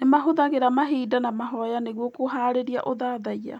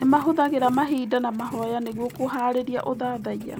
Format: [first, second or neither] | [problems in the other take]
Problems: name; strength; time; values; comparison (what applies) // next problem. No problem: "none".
first | background sound (Mechanisms + Writing); 17 dB below the speech